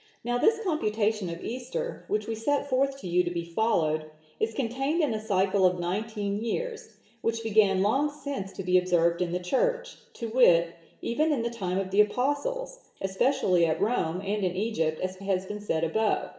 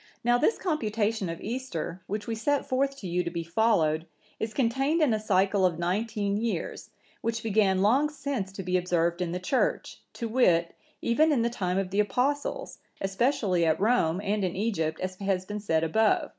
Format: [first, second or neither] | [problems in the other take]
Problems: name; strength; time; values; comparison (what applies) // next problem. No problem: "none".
second | room echo; dies away in 0.6 s